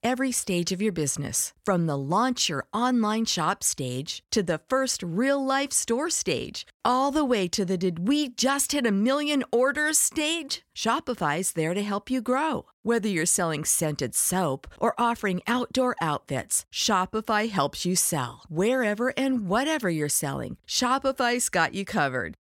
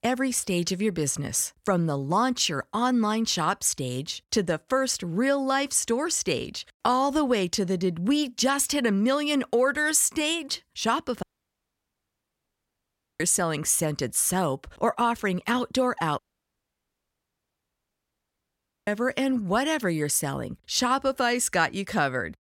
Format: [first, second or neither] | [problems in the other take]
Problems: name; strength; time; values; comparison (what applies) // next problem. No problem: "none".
first | audio cutting out; at 11 s for 2 s and at 16 s for 2.5 s